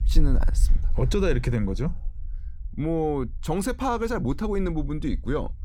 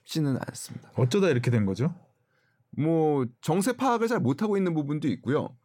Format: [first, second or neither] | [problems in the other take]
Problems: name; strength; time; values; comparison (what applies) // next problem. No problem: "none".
second | low rumble; faint; throughout; 25 dB below the speech